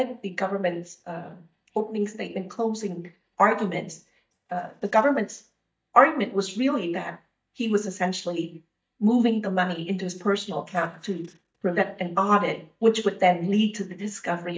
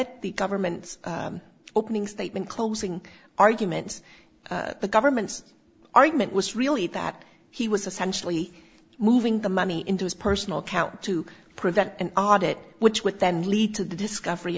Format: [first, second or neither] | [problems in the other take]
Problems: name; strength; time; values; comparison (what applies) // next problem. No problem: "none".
second | noise reduction (neural mask model DeepFilterNet 3)